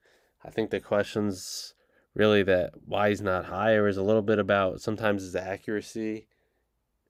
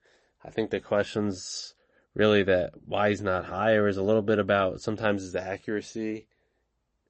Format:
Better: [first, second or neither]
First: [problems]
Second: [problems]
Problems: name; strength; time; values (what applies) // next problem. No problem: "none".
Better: first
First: none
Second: garbled, watery; slightly; nothing above 8 kHz